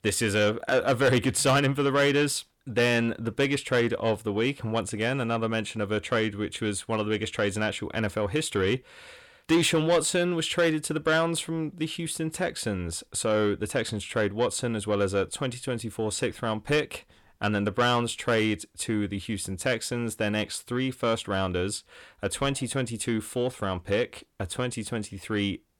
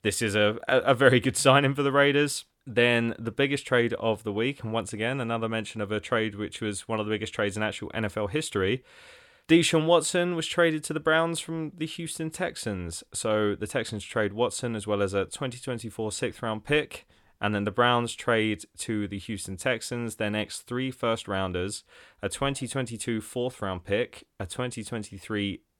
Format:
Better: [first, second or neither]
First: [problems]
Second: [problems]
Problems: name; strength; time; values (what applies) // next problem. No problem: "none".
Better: second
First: distortion; slight; 10 dB below the speech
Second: none